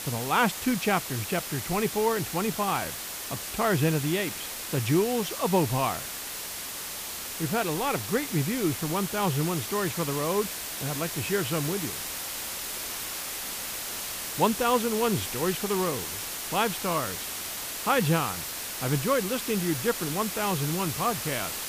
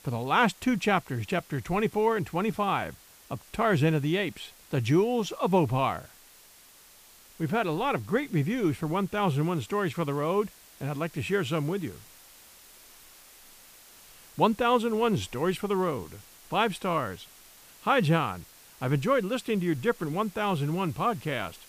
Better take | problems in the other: second | hiss; loud; throughout; 4 dB below the speech; faint in the second

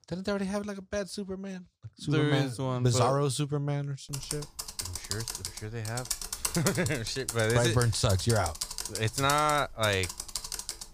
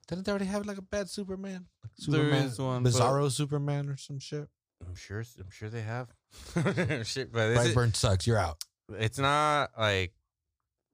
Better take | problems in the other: second | keyboard typing; noticeable; from 4 s on; peak 2 dB below the speech

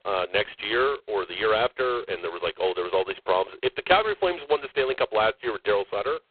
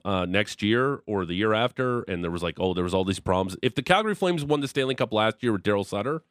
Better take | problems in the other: second | phone-call audio; poor line; nothing above 3.5 kHz

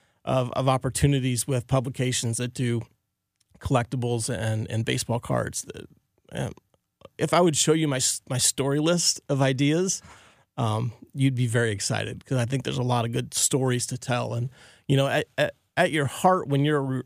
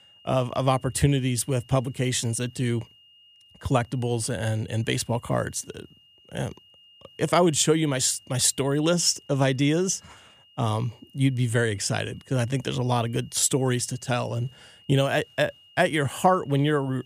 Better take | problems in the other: first | high-pitched whine; faint; throughout; 3 kHz, 30 dB below the speech

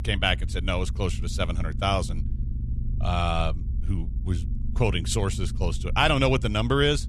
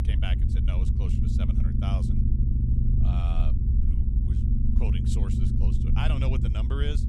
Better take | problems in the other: first | low rumble; loud; throughout; as loud as the speech; faint in the first

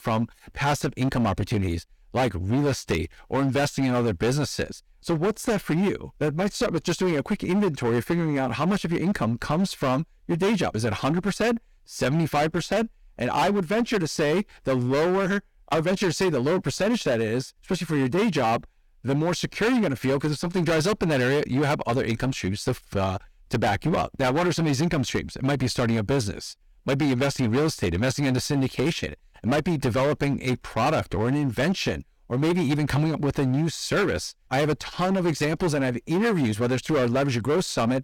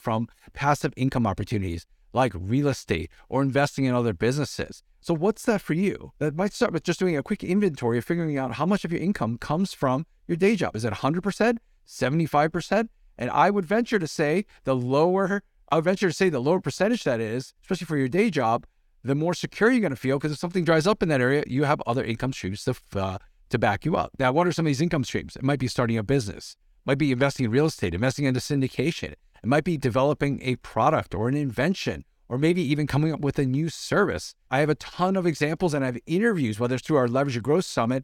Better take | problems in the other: second | distortion; heavy; 16% of the sound clipped

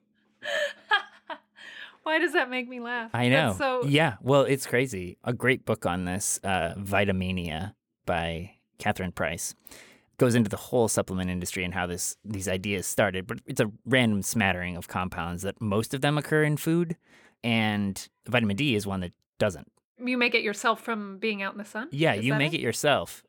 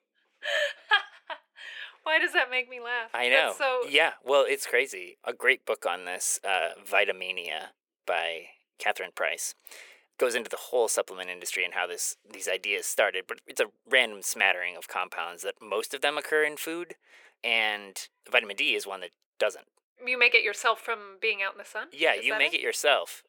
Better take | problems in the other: first | thin; very; fading below 450 Hz

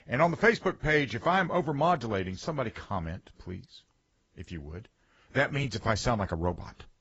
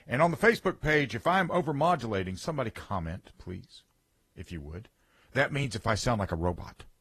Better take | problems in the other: second | garbled, watery; badly; nothing above 7.5 kHz; slightly in the second

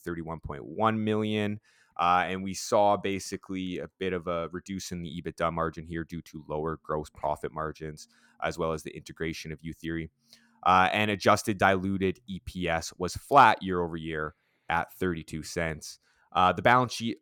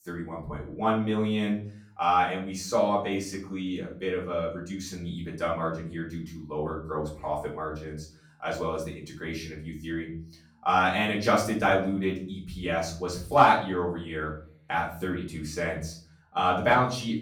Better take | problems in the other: first | off-mic speech; far // room echo; slight; dies away in 0.5 s

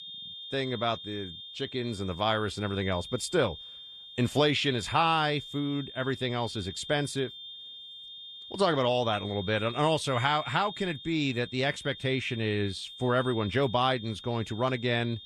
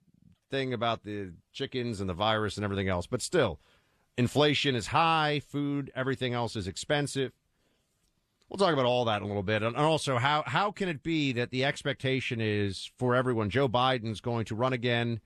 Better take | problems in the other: second | high-pitched whine; noticeable; throughout; 3.5 kHz, 10 dB below the speech

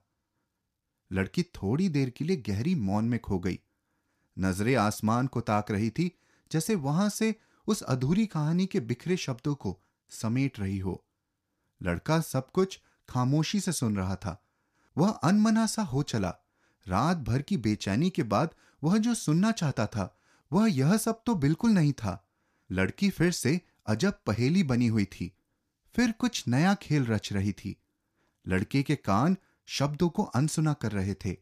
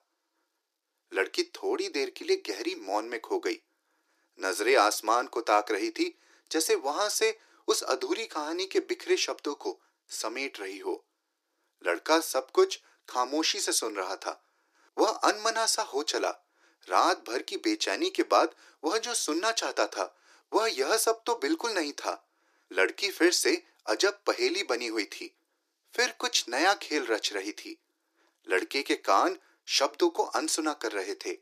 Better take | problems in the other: first | thin; very; fading below 350 Hz

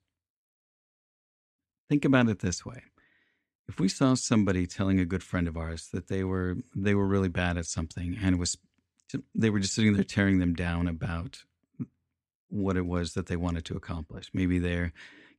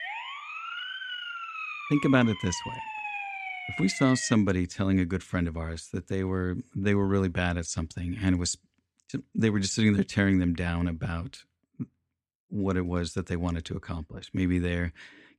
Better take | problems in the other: first | siren; noticeable; until 4.5 s; peak 6 dB below the speech

